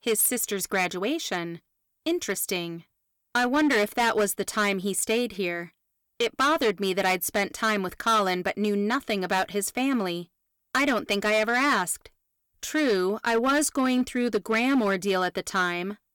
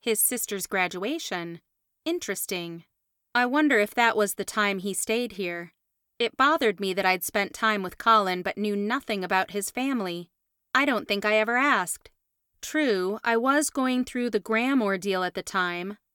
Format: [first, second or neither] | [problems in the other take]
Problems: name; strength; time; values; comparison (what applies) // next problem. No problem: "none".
second | distortion; slight; 7% of the sound clipped